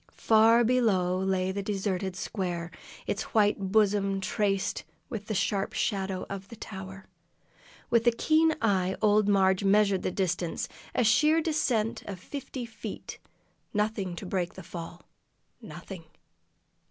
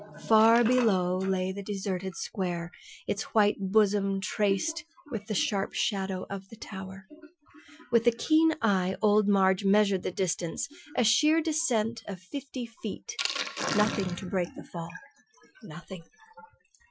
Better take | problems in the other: first | noise reduction (classical method Wiener filter)

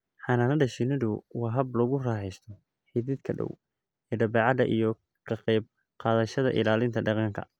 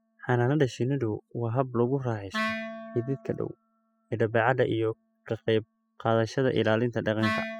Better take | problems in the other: first | noise reduction (classical method spectral subtraction)

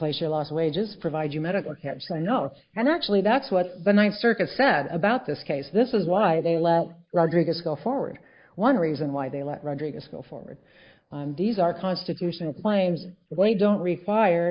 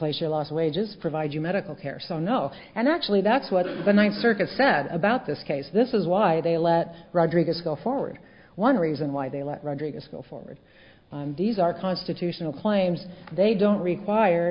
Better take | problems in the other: second | noise reduction (neural mask model Resemble Enhance denoiser)

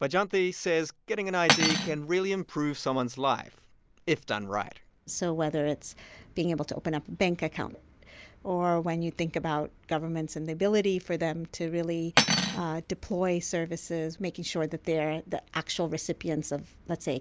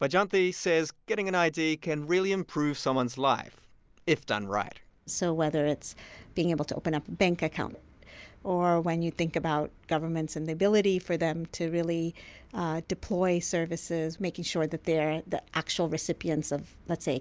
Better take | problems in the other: second | background sound (Cutlery, silverware); as loud as the speech

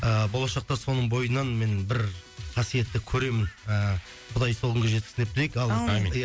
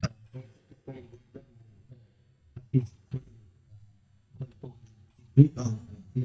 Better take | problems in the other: first | noise reduction (neural mask model DeepFilterNet 3)

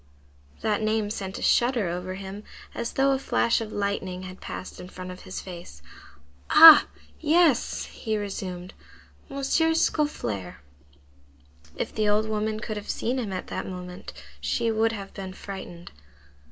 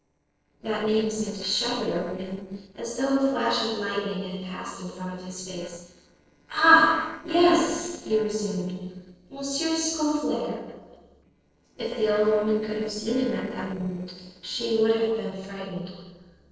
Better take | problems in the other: first | noise reduction (neural separator model SepFormer DNS4)

